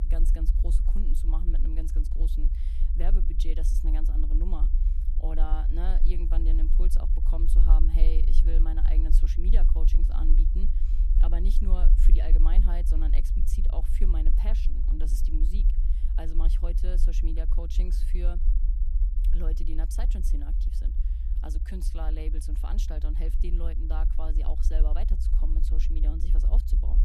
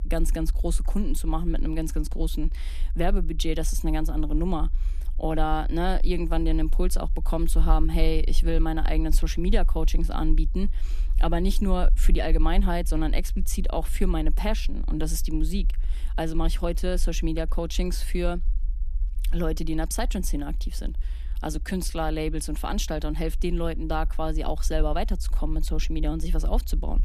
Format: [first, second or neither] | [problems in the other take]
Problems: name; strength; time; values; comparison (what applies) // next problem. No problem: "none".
second | low rumble; loud; throughout; 6 dB below the speech; faint in the second